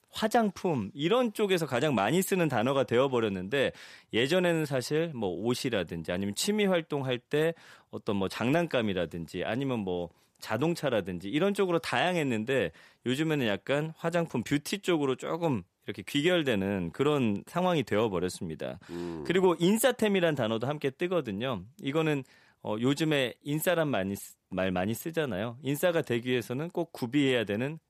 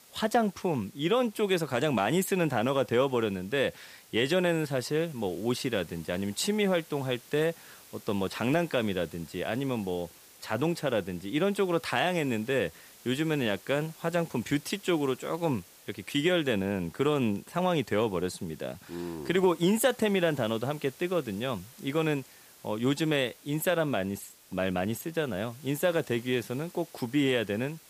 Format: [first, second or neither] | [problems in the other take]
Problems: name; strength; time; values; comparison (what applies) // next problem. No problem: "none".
first | hiss; faint; throughout; 20 dB below the speech